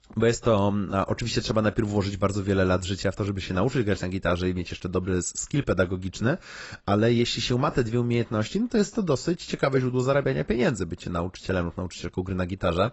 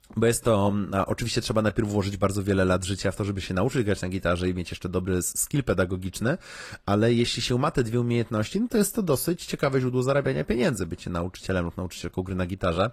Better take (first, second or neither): second